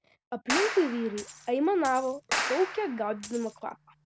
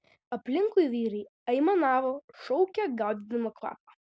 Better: second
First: background sound (Coin (dropping) + Clapping); 6 dB below the speech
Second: none

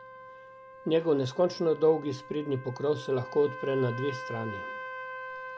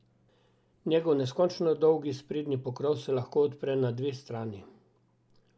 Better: second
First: background sound (Trumpet); 12 dB below the speech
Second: none

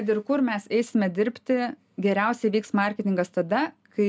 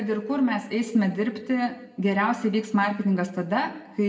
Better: first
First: none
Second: room echo; dies away in 0.7 s

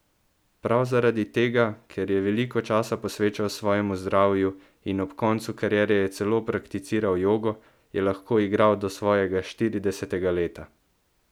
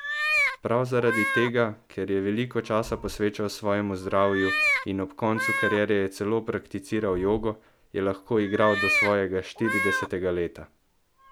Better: first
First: none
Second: background sound (Meow); 4 dB below the speech

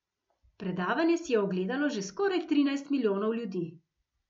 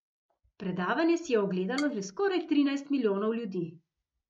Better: first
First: none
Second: noise reduction (neural mask model RNNoise)

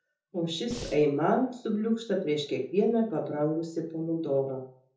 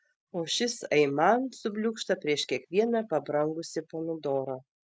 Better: second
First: background sound (Breathing); 12 dB below the speech // room echo; dies away in 0.5 s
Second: none

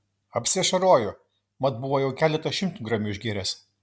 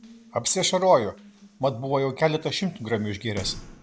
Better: first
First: none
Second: background sound (Water tap, faucet); 20 dB below the speech

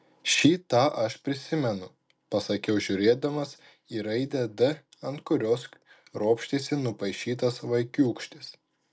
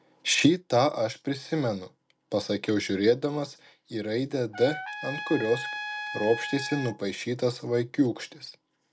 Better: first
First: none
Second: background sound (Trumpet); 8 dB below the speech

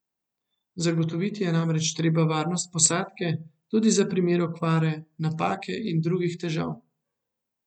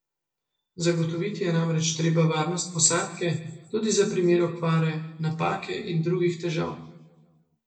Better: first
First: none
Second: room echo; dies away in 0.8 s

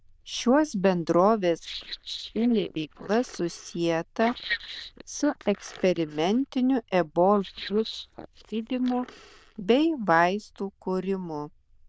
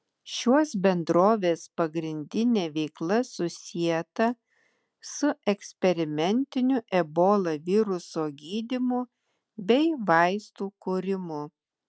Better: second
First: noise reduction (neural diffusion model UNIVERSE++)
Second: none

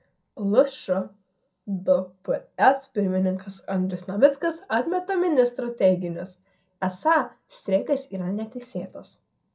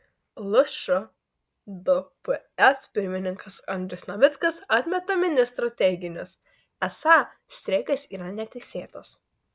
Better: second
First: room echo; dies away in 0.2 s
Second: none

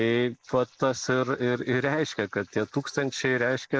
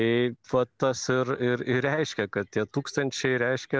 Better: second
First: noise reduction (neural mask model Resemble Enhance denoiser)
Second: none

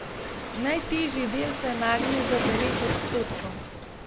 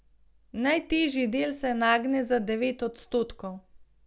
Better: second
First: background sound (Waves, surf); 1 dB below the speech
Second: none

